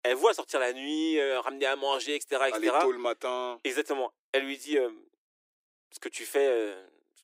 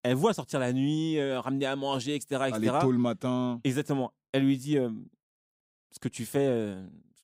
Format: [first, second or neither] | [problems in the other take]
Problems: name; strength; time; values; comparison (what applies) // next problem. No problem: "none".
second | thin; very; fading below 300 Hz